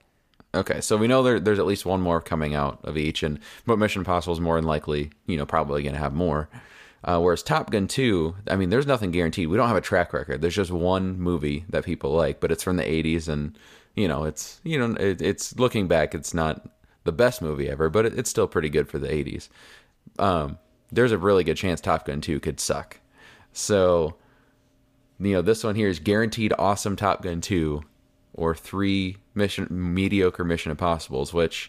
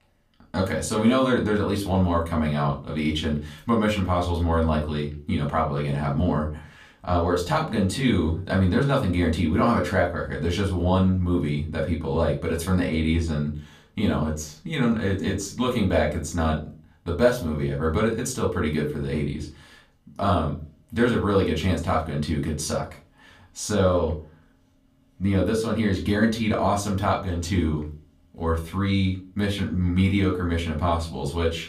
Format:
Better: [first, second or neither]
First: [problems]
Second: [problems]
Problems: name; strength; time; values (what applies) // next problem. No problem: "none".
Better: first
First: none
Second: off-mic speech; somewhat distant // room echo; very slight; dies away in 0.3 s